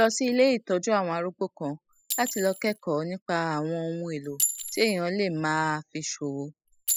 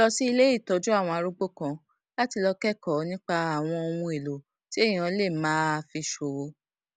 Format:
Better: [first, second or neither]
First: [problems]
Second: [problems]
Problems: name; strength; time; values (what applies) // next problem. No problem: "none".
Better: second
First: noise reduction (classical method spectral subtraction)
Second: none